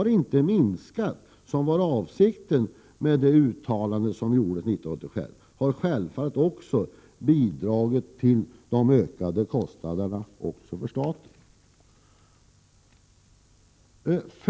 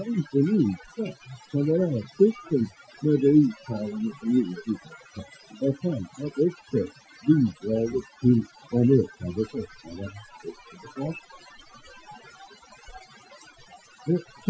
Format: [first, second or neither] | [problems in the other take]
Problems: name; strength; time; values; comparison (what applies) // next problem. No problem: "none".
first | noise reduction (classical method Wiener filter)